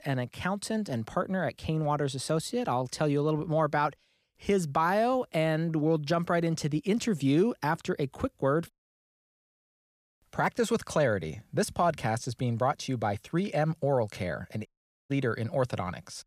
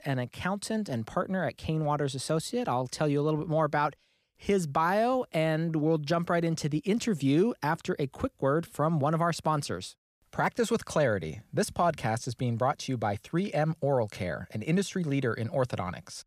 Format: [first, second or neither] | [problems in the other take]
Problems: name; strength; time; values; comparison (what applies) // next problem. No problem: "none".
second | audio cutting out; at 8.5 s for 1.5 s and at 15 s